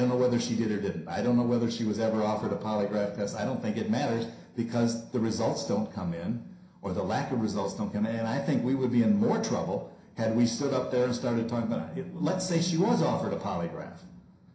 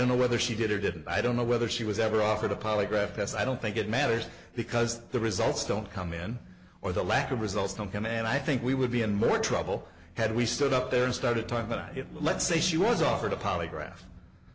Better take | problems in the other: second | room echo; dies away in 0.5 s

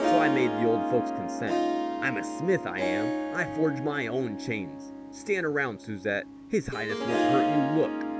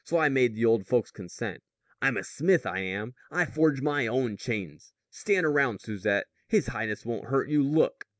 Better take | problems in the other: second | background sound (Harp); as loud as the speech

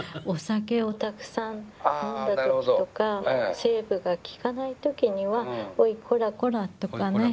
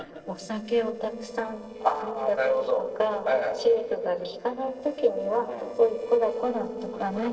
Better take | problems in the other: first | noise reduction (neural separator model SepFormer DNS4)

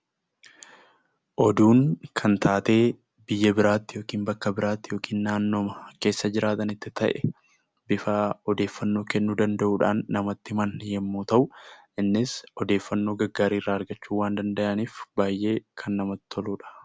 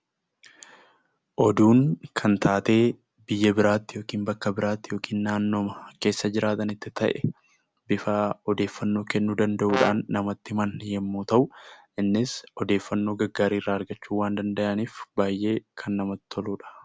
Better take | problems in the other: first | background sound (Brass instrument); 6 dB below the speech

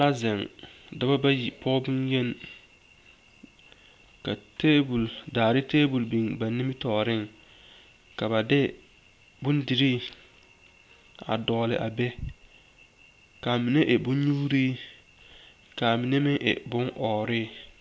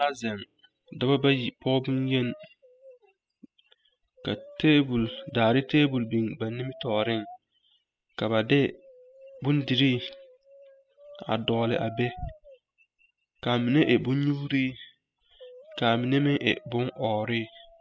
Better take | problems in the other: first | noise reduction (classical method spectral subtraction)

